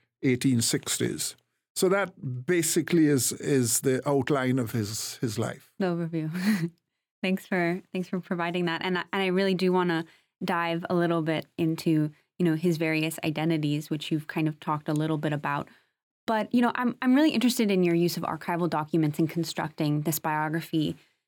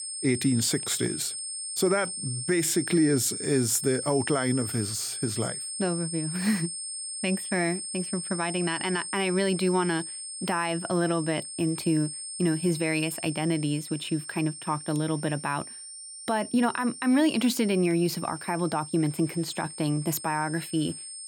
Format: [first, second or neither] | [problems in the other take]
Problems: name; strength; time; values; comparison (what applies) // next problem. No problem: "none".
first | high-pitched whine; loud; throughout; 8.5 kHz, 7 dB below the speech